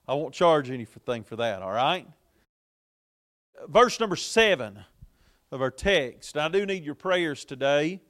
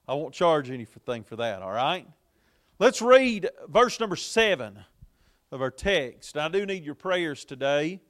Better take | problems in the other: second | audio cutting out; at 2.5 s for 1 s

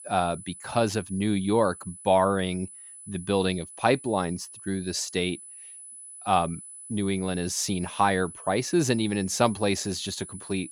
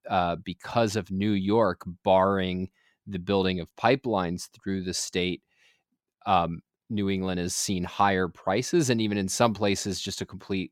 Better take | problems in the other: second | high-pitched whine; noticeable; throughout; 10 kHz, 15 dB below the speech

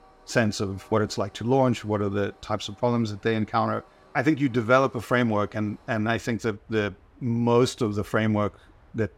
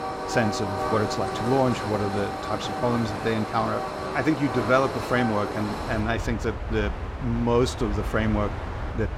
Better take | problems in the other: first | train or aircraft noise; loud; throughout; 4 dB below the speech; faint in the first

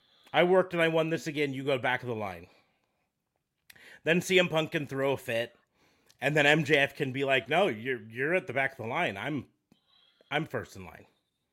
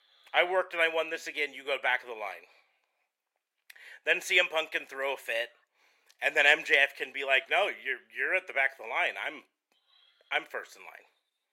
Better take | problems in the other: first | thin; very; fading below 500 Hz

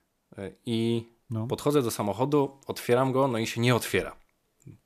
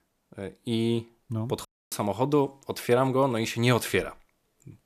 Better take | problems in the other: first | audio cutting out; at 1.5 s

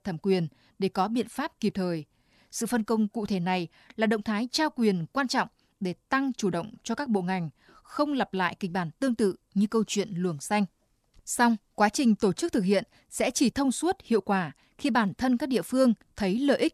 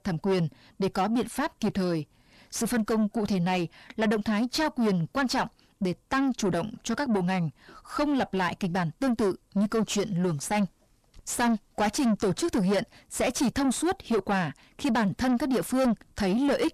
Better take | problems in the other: first | distortion; heavy; 7 dB below the speech

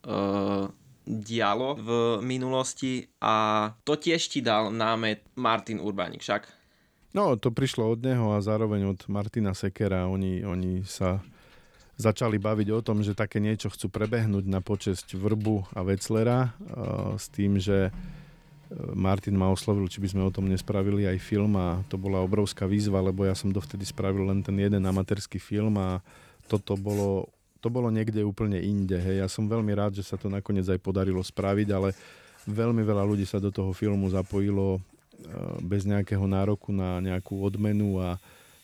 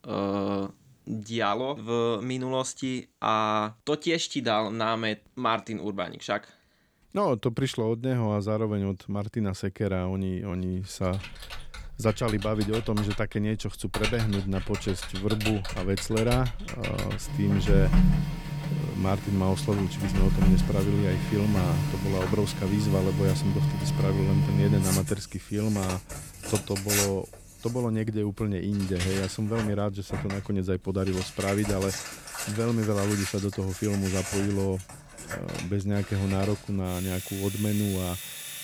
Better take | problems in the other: first | household noises; loud; from 11 s on; 2 dB below the speech; faint in the first

